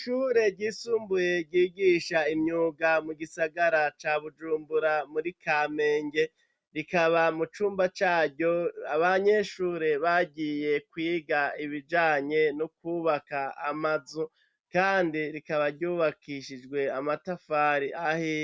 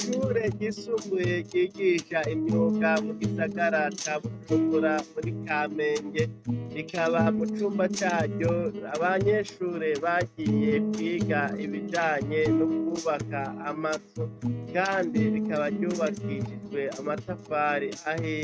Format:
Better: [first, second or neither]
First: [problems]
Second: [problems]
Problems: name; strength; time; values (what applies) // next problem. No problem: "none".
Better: first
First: none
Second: noise reduction (neural mask model RNNoise)